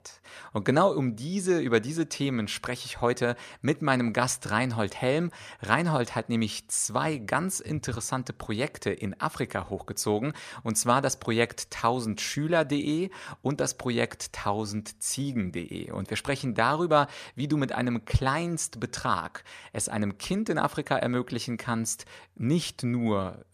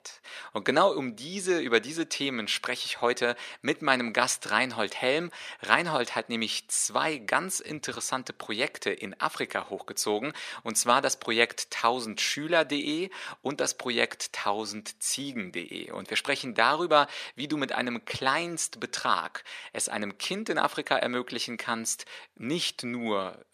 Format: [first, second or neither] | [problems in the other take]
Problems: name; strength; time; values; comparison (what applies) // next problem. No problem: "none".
first | thin; somewhat; fading below 300 Hz